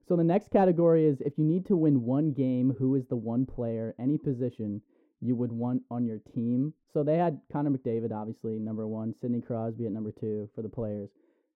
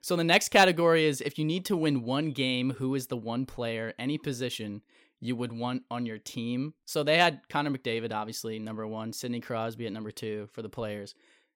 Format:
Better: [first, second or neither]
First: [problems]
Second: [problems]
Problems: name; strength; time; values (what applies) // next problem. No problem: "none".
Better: second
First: muffled; very; fading above 1.5 kHz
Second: none